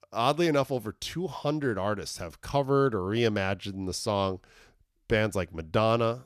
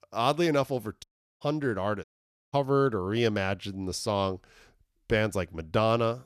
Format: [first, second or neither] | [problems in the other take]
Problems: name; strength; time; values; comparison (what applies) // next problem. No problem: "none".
first | audio cutting out; at 1 s and at 2 s